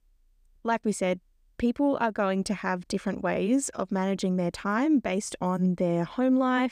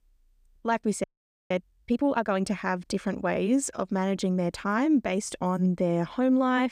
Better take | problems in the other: first | audio freezing; at 1 s

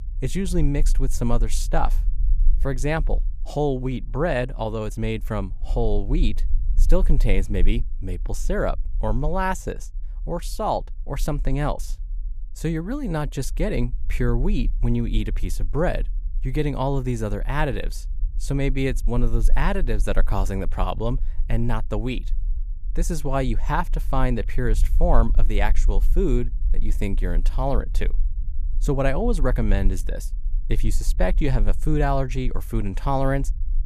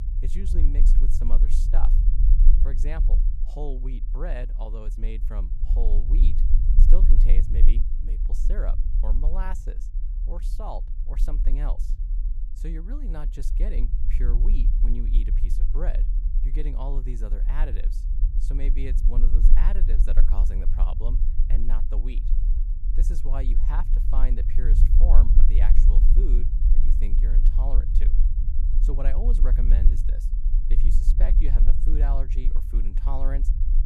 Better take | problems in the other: first | low rumble; loud; throughout; 6 dB below the speech; faint in the first

